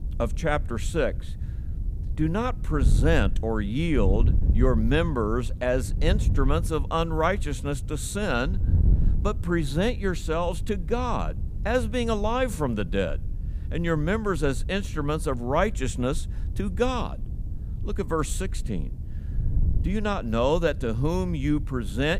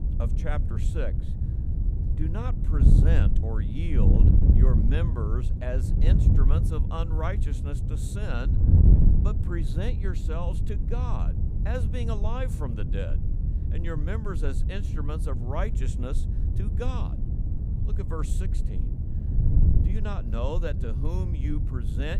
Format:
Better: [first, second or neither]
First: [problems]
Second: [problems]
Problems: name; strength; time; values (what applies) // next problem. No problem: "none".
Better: first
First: wind noise on the microphone; occasional gusts; 20 dB below the speech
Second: wind noise on the microphone; heavy; 3 dB below the speech